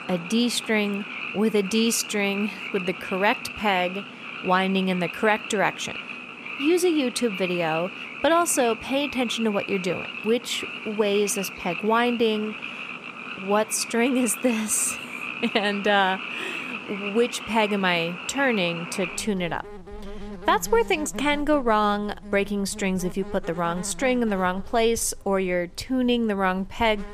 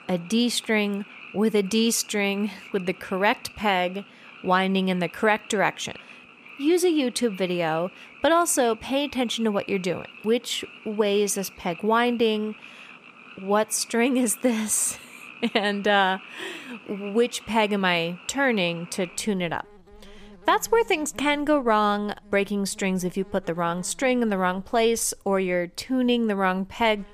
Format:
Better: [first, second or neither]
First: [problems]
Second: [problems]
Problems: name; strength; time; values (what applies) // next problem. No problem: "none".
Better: second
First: animal sounds; loud; throughout; 10 dB below the speech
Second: animal sounds; faint; throughout; 20 dB below the speech